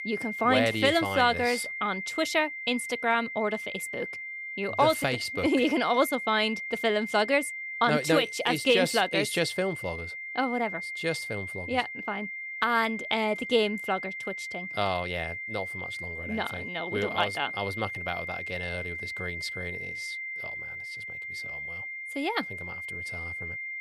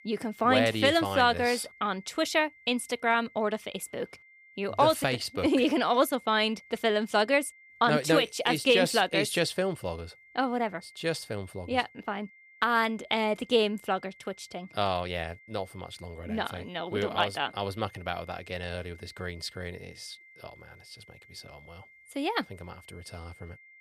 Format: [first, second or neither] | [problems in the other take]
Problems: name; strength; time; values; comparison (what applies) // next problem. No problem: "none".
second | high-pitched whine; loud; throughout; 2 kHz, 7 dB below the speech; faint in the second